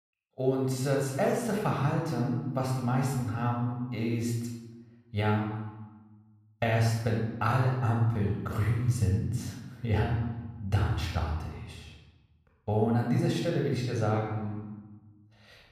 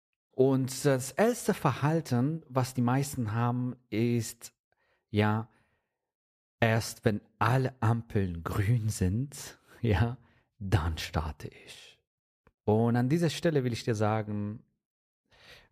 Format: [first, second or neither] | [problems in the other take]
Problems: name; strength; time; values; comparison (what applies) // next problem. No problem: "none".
second | off-mic speech; somewhat distant // room echo; noticeable; dies away in 1 s